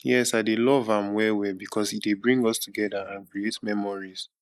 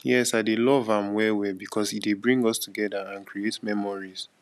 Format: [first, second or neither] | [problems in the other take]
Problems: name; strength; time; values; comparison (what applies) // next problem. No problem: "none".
second | noise reduction (neural mask model Resemble Enhance denoiser)